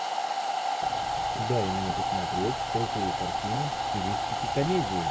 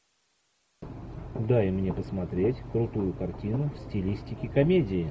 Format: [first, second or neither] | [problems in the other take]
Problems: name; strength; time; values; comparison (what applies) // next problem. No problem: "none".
second | background sound (Domestic sounds, home sounds); 3 dB above the speech